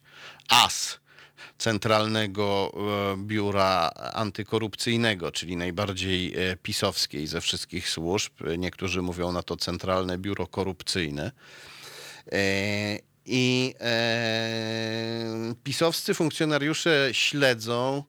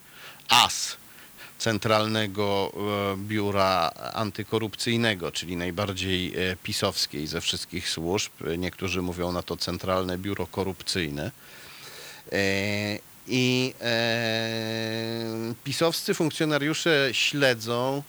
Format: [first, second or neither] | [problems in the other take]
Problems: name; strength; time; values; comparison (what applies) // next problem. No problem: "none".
first | hiss; faint; throughout; 20 dB below the speech